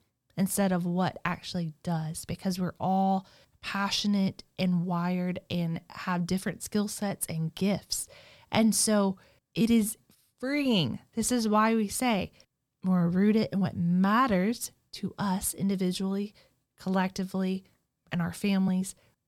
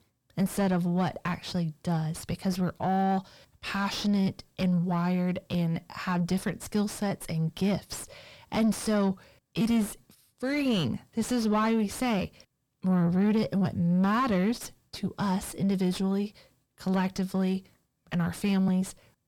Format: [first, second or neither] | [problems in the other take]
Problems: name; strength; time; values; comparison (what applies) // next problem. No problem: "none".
first | distortion; slight; 9 dB below the speech